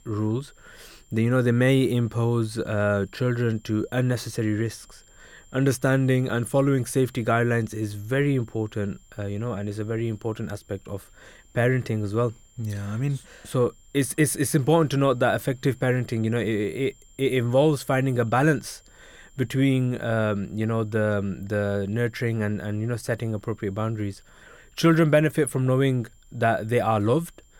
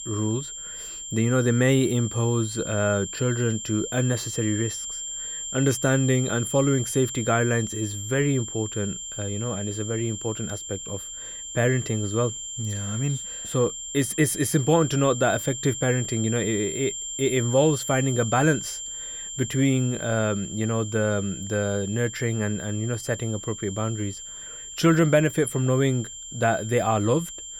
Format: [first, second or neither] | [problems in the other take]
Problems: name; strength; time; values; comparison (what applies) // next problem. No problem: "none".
first | high-pitched whine; loud; throughout; 7.5 kHz, 8 dB below the speech; faint in the first